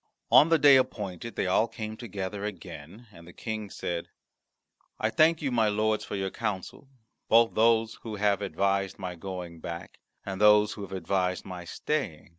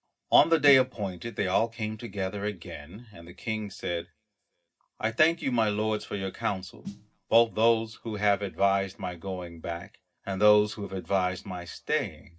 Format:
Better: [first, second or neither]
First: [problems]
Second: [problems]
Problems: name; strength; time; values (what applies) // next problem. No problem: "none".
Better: first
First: none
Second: background sound (Snare drum); 19 dB below the speech // room echo; dies away in 0.4 s